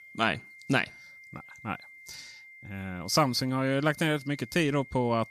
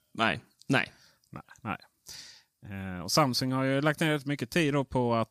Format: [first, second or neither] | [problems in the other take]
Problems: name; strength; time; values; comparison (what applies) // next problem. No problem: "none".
second | high-pitched whine; noticeable; throughout; 2 kHz, 20 dB below the speech